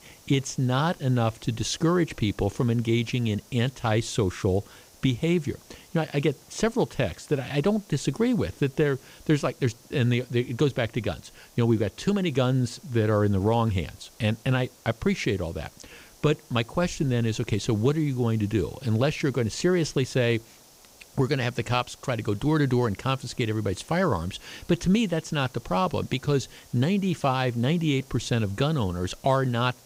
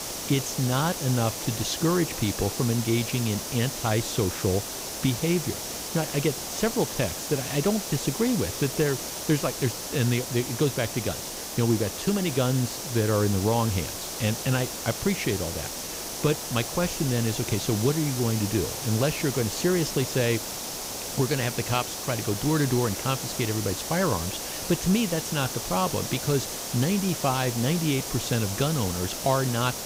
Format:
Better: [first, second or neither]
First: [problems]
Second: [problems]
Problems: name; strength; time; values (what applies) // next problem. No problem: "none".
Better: first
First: hiss; faint; throughout; 25 dB below the speech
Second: hiss; loud; throughout; 4 dB below the speech